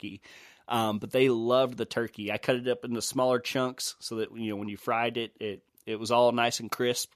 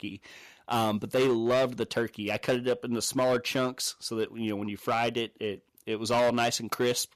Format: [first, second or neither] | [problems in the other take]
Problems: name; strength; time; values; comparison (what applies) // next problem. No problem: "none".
first | distortion; slight; 6% of the sound clipped